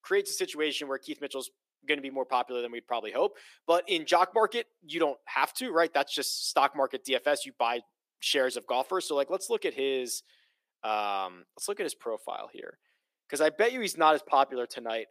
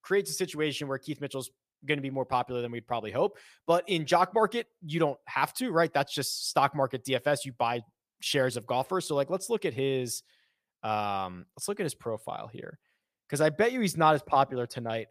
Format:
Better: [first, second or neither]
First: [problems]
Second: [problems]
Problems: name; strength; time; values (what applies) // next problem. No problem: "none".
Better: second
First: thin; somewhat; fading below 300 Hz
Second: none